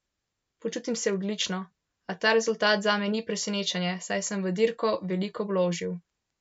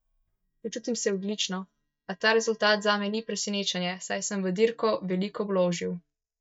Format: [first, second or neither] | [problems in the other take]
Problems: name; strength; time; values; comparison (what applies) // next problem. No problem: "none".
first | noise reduction (neural mask model DeepFilterNet 3)